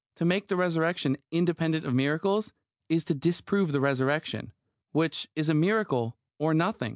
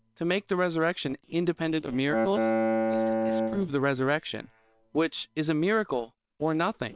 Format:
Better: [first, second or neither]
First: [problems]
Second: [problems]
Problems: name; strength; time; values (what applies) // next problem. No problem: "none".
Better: first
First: none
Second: noise reduction (neural separator model SepFormer WHAM!)